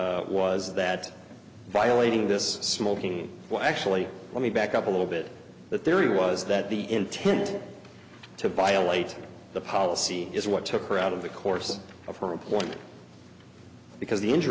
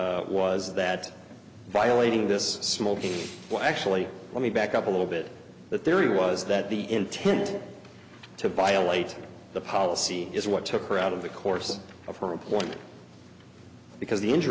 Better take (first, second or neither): first